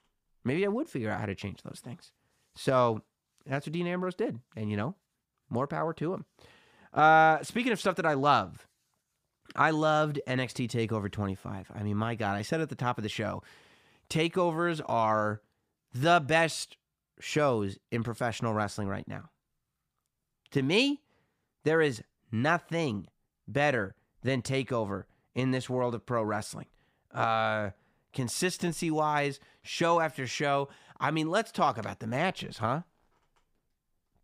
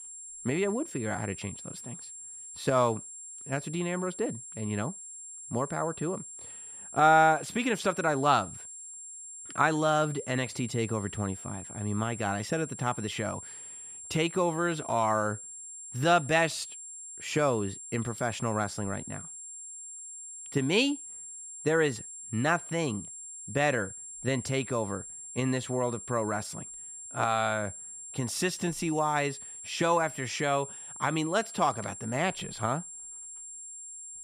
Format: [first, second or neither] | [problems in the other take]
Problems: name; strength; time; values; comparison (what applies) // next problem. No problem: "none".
first | high-pitched whine; noticeable; throughout; 7.5 kHz, 10 dB below the speech